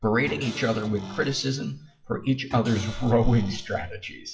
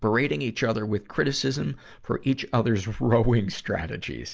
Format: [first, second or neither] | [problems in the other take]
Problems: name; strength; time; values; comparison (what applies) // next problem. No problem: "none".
second | noise reduction (classical method WPE with log-MMSE)